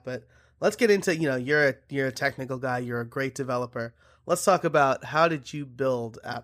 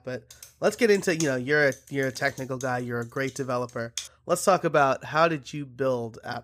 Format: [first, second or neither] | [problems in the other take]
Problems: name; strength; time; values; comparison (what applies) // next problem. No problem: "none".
first | keyboard typing; noticeable; until 4 s; peak 10 dB below the speech